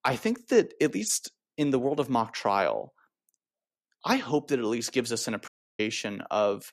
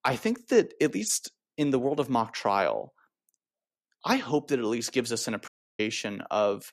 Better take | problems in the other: neither | audio cutting out; at 5.5 s; the same in both

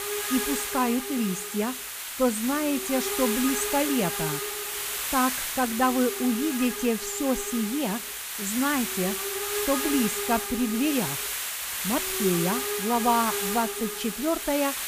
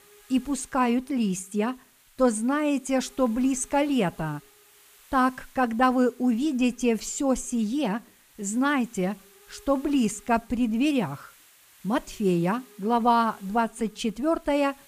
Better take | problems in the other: second | hiss; loud; throughout; 1 dB below the speech; faint in the second

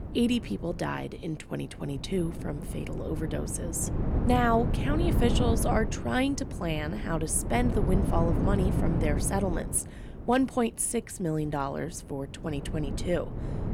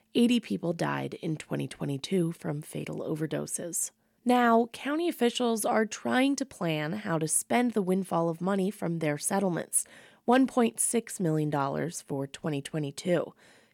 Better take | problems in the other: second | wind noise on the microphone; heavy; 7 dB below the speech

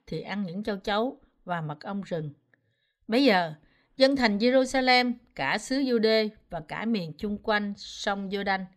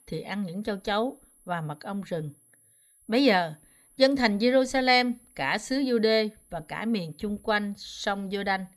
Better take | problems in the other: first | high-pitched whine; faint; throughout; 11 kHz, 30 dB below the speech

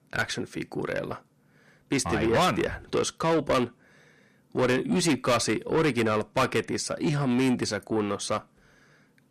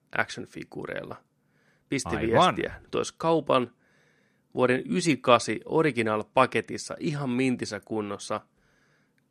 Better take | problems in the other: second | distortion; heavy; 6 dB below the speech

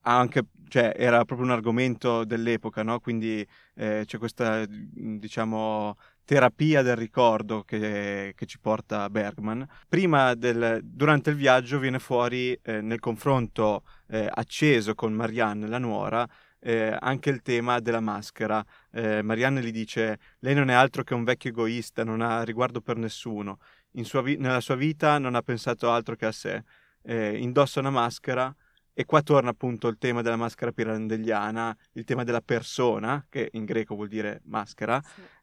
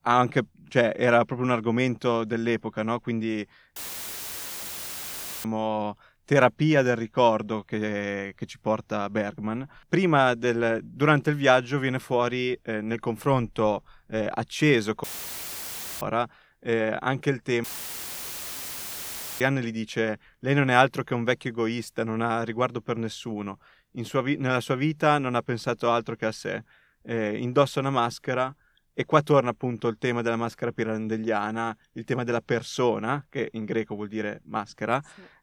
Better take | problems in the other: first | audio cutting out; filled with static; at 4 s for 1.5 s, at 15 s for 1 s and at 18 s for 2 s

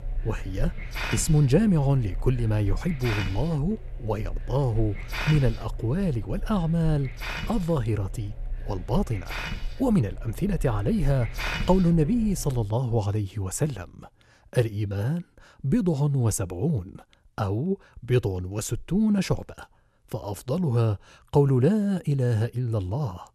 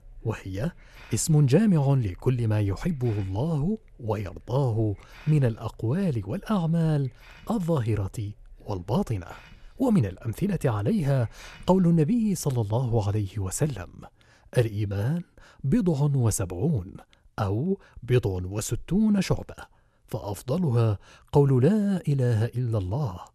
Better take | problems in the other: second | hiss; loud; until 13 s; 10 dB below the speech; faint in the second

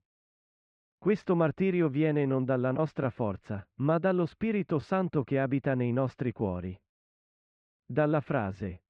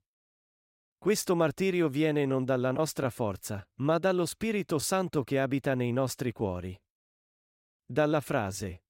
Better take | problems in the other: second | muffled; very; fading above 2.5 kHz

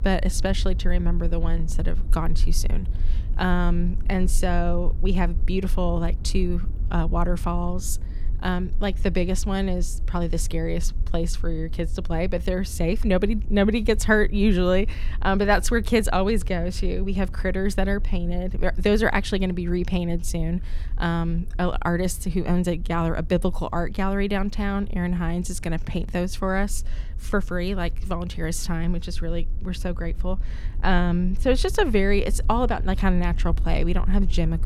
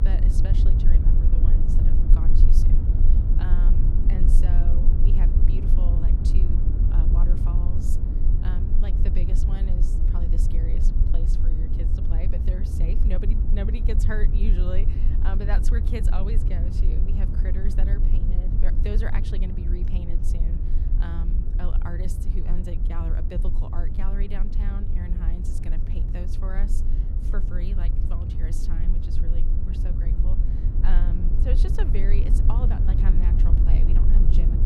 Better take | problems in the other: first | low rumble; loud; throughout; 1 dB below the speech; faint in the first

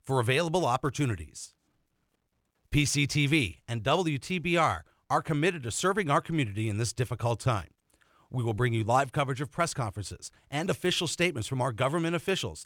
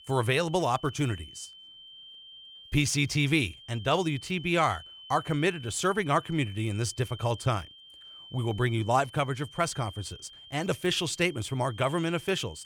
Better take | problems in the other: first | high-pitched whine; noticeable; throughout; 3 kHz, 20 dB below the speech

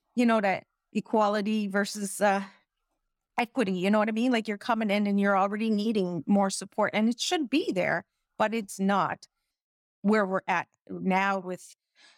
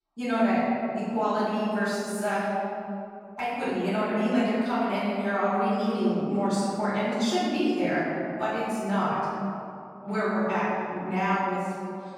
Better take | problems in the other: first | room echo; strong; dies away in 2.4 s // off-mic speech; far

